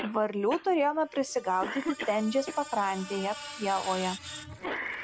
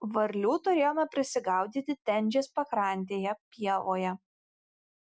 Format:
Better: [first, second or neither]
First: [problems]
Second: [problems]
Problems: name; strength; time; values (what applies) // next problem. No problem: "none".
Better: second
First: background sound (Cough + Screech); 9 dB below the speech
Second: none